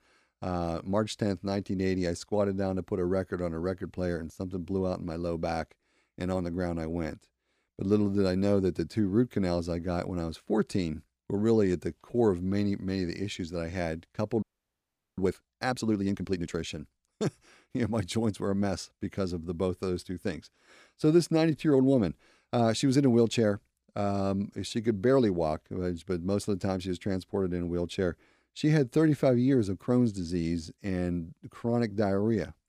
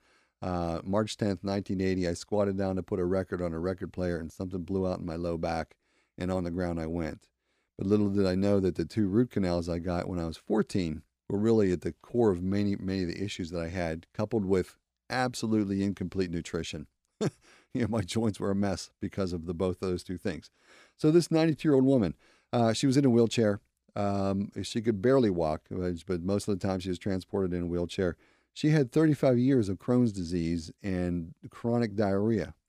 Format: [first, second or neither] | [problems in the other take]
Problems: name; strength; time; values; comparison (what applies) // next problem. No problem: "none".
second | audio freezing; at 14 s for 1 s